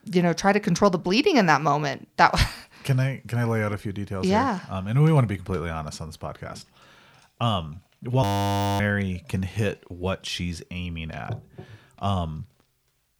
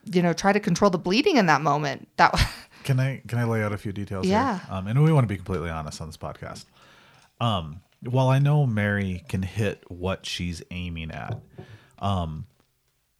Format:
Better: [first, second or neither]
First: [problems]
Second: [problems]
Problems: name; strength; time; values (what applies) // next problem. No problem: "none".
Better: second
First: audio freezing; at 8 s for 0.5 s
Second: none